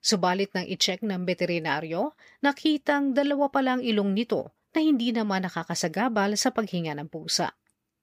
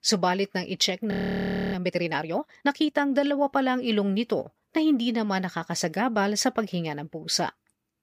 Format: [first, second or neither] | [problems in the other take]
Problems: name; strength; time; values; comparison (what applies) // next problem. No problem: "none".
first | audio freezing; at 1 s for 0.5 s